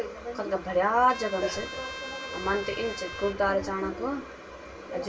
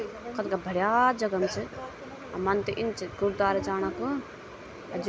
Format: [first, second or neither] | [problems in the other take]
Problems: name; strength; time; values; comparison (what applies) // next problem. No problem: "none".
second | background sound (Trumpet); 11 dB below the speech // room echo; dies away in 0.2 s